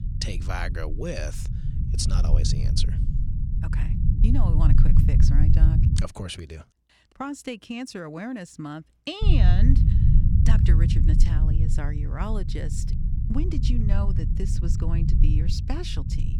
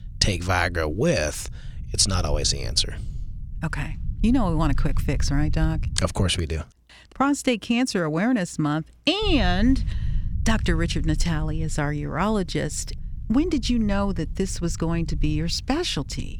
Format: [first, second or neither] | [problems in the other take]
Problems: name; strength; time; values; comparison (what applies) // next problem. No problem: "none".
second | low rumble; loud; until 6 s and from 9 s on; 2 dB below the speech; faint in the second